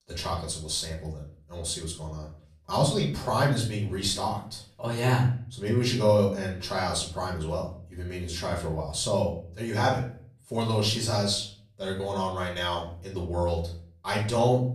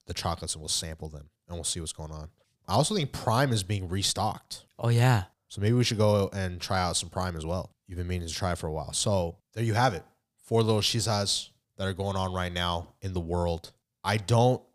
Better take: second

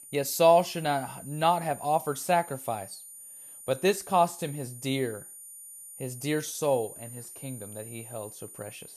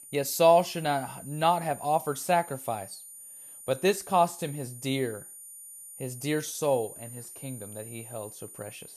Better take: neither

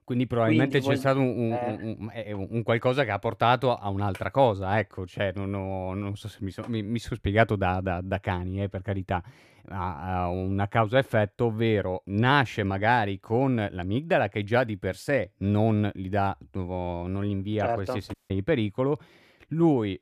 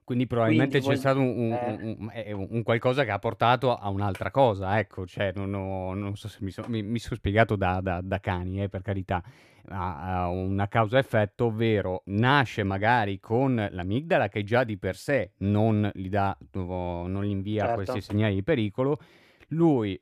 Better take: second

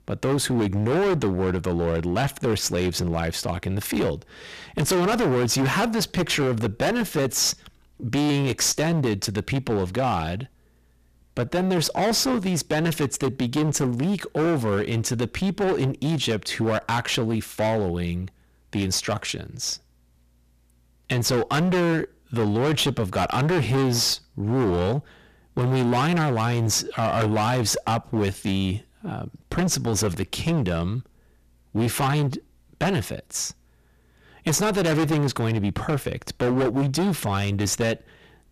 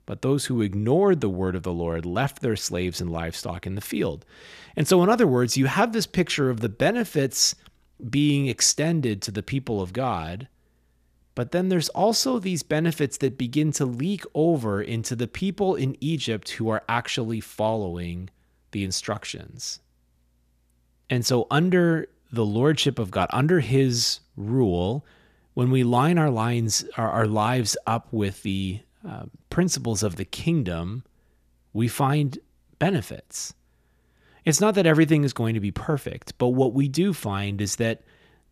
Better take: second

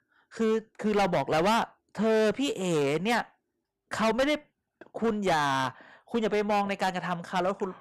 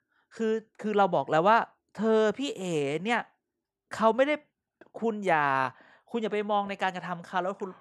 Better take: second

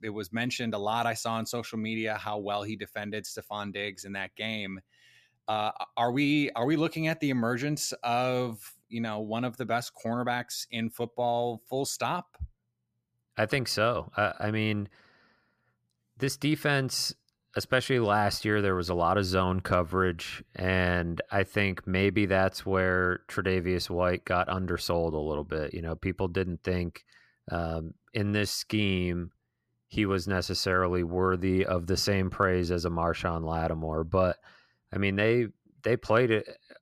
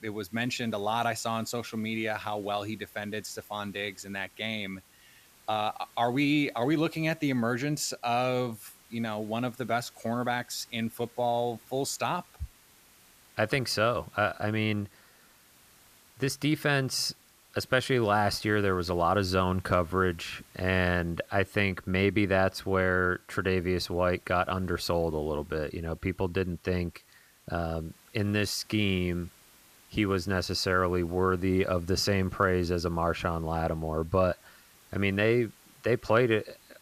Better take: first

